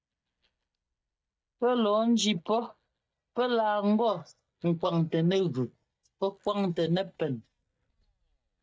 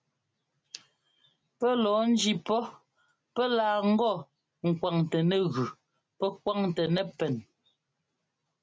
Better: second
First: noise reduction (neural mask model DeepFilterNet 3)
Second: none

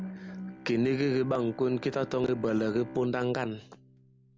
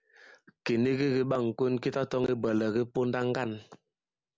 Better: second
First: background sound (Bowed string instrument); 15 dB below the speech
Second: none

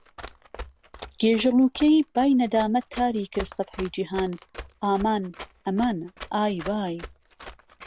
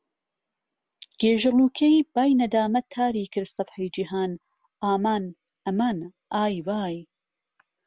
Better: second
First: background sound (Run); 17 dB below the speech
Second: none

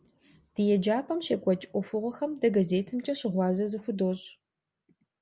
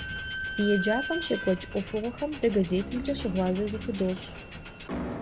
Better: first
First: none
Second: background sound (Squeak / Slam); 7 dB below the speech

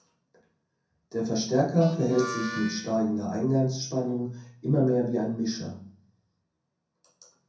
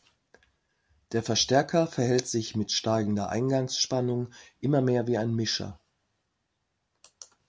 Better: second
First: background sound (Harmonica); 11 dB below the speech // room echo; dies away in 0.6 s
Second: none

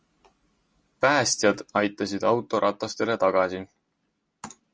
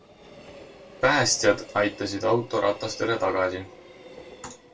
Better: first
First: none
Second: background sound (Train); 19 dB below the speech // room echo; dies away in 0.2 s

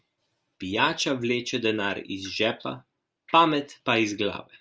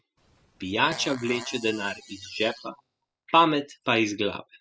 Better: first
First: none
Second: noise reduction (classical method spectral subtraction)

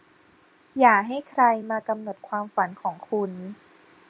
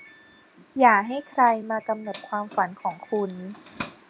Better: first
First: none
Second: background sound (Doorbell); 20 dB below the speech

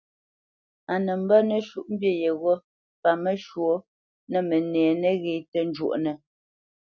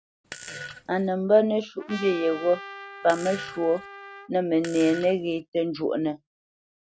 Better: first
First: none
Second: background sound (Trumpet + Fart); 14 dB below the speech

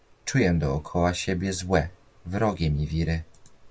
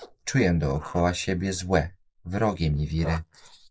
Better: first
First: none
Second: noise reduction (neural mask model Resemble Enhance denoiser)

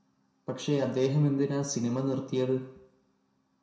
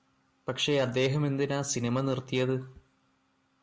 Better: second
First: room echo; dies away in 0.6 s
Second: none

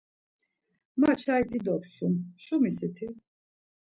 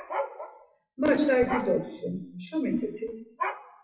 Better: first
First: none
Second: noise reduction (classical method WPE with log-MMSE)

